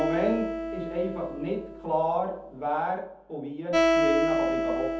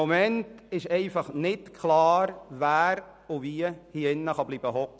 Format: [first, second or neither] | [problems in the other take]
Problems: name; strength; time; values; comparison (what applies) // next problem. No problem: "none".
second | background sound (Acoustic guitar); 1 dB above the speech // room echo; dies away in 0.6 s